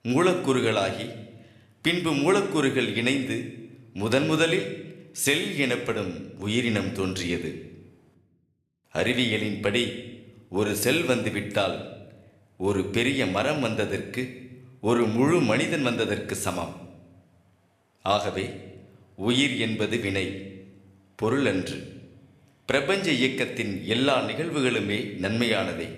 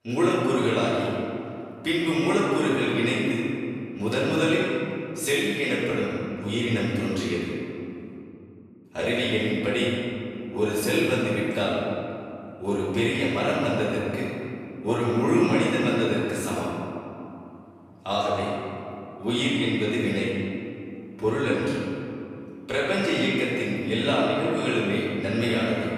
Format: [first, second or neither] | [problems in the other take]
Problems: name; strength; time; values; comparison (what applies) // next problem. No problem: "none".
first | room echo; strong; dies away in 2.6 s; slight in the first // off-mic speech; far